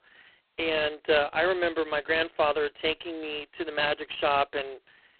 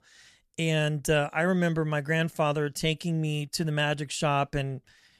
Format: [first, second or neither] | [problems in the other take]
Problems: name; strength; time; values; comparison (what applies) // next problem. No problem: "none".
second | phone-call audio; poor line; nothing above 4 kHz